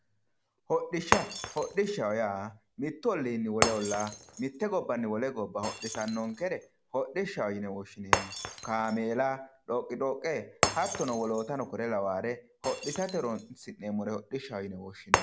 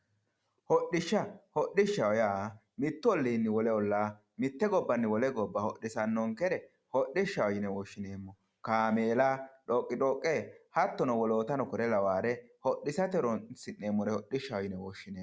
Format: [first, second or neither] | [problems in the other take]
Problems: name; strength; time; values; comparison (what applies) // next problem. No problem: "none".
second | background sound (Shatter); 4 dB below the speech